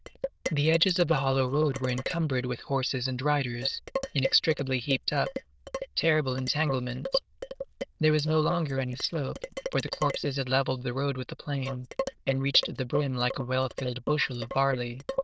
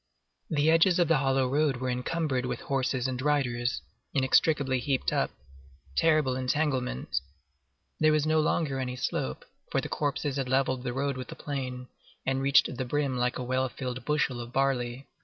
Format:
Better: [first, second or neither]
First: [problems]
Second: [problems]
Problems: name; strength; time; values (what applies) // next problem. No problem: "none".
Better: second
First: noise reduction (neural diffusion model UNIVERSE++)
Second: none